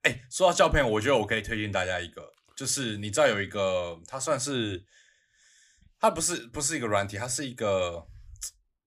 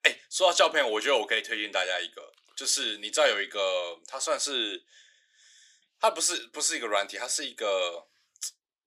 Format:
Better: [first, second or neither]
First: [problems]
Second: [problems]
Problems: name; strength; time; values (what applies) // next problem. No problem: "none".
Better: first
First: none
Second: thin; somewhat; fading below 350 Hz